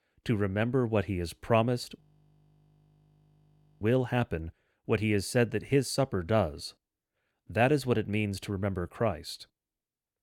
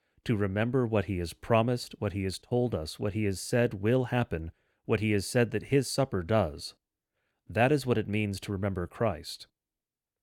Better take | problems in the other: second | audio freezing; at 2 s for 2 s

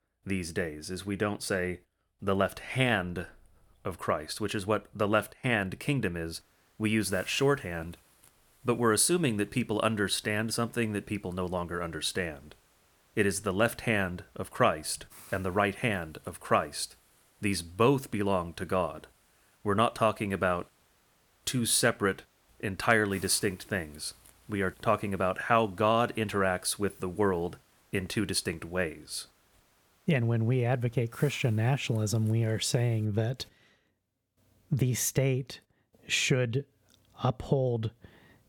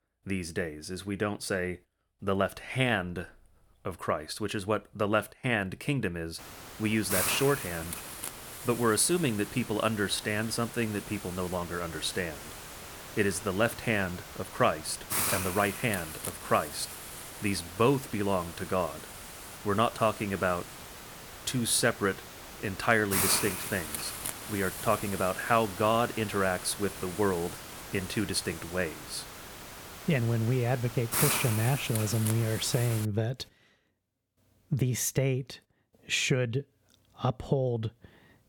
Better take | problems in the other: first | hiss; loud; from 6.5 to 33 s; 6 dB below the speech; faint in the first

